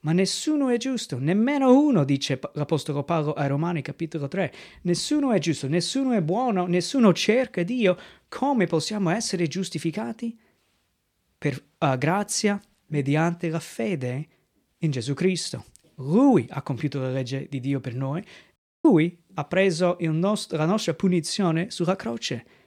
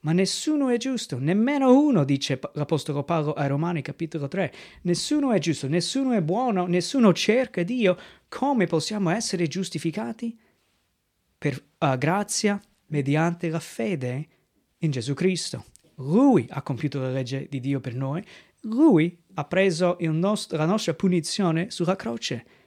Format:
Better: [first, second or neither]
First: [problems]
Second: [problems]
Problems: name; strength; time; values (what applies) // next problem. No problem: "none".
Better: second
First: audio cutting out; at 19 s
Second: none